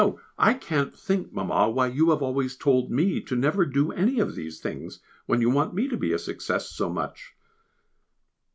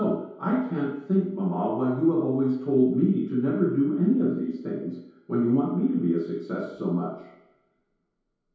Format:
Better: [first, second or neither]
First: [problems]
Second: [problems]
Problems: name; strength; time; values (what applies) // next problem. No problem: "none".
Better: first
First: none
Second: room echo; dies away in 0.8 s